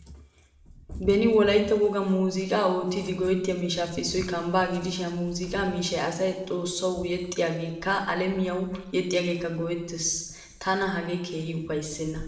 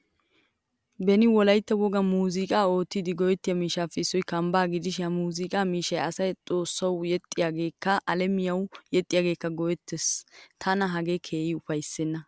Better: second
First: background sound (Cat); 19 dB below the speech // room echo; dies away in 0.9 s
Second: none

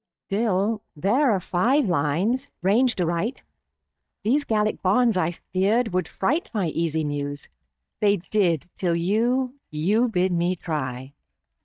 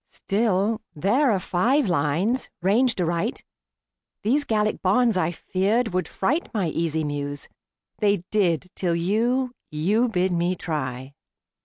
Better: second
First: noise reduction (neural mask model DeepFilterNet 3)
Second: none

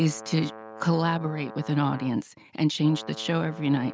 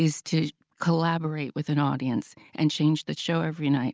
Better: second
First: background sound (Brass instrument); 16 dB below the speech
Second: none

